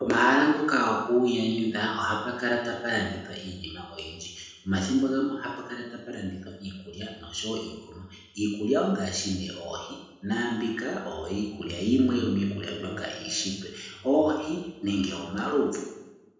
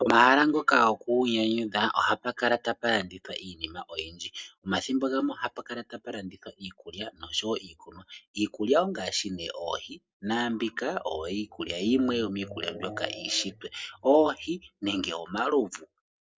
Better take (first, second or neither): second